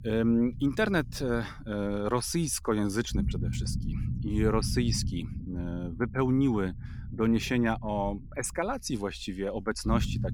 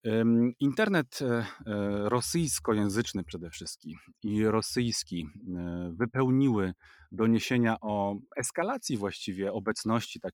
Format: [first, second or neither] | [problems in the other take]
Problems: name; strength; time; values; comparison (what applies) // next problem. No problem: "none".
second | low rumble; noticeable; throughout; 15 dB below the speech